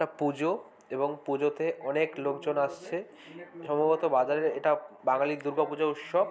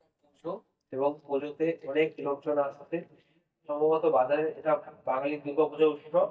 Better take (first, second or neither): first